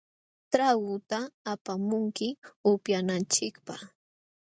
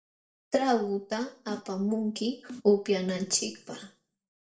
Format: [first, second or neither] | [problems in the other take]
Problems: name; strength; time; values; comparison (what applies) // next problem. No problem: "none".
first | noise reduction (neural separator model SepFormer DNS4)